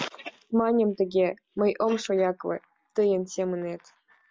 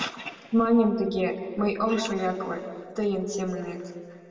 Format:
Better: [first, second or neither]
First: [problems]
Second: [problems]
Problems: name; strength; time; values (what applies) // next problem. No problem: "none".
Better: first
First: none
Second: room echo; dies away in 1.8 s